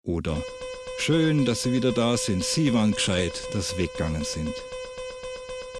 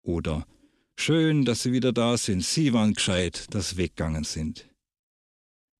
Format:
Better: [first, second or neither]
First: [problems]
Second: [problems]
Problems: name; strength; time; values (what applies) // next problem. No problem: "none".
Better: second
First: alarm; faint; peak 10 dB below the speech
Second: none